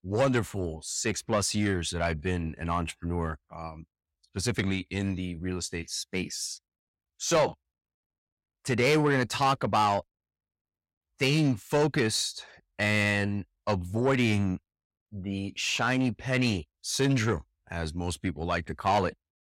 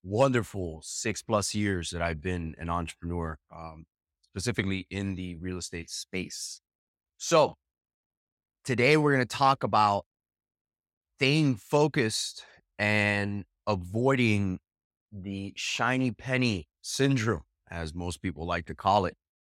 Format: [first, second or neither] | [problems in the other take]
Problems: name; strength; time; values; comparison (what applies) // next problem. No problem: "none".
second | distortion; slight; 10 dB below the speech